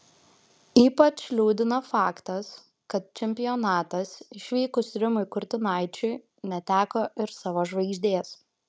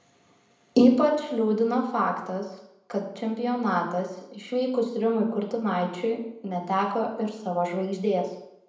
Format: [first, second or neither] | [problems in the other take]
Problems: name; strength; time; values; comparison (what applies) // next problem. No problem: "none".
first | room echo; dies away in 0.7 s